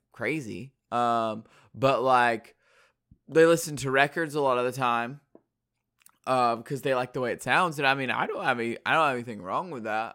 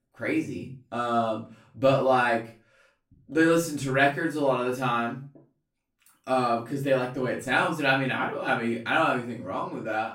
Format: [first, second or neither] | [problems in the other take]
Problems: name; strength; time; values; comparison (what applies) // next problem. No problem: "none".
first | off-mic speech; far // room echo; slight; dies away in 0.3 s